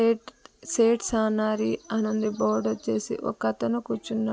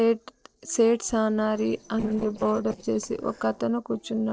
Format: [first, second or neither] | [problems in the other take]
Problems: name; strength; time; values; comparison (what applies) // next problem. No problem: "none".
first | noise reduction (neural separator model SepFormer DNS4)